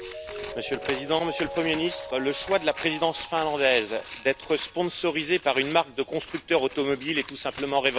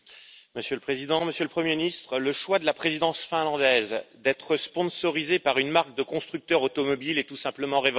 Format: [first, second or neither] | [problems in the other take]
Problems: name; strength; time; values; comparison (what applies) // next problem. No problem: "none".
second | background sound (Mallet percussion + Scissors); 13 dB below the speech